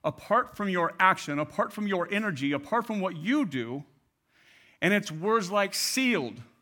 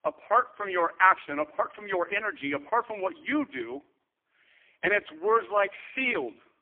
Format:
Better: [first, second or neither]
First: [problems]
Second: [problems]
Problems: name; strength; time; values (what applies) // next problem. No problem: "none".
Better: first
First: none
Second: phone-call audio; poor line